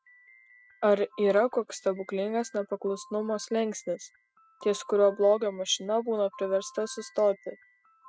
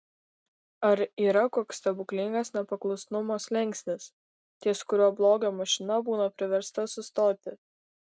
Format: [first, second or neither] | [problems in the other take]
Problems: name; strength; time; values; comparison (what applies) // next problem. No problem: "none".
second | noise reduction (classical method spectral subtraction)